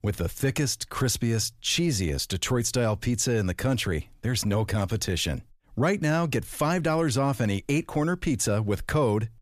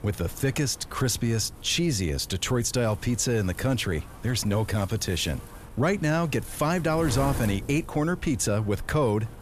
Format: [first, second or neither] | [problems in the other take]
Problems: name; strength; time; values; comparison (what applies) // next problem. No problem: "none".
first | wind noise on the microphone; occasional gusts; 15 dB below the speech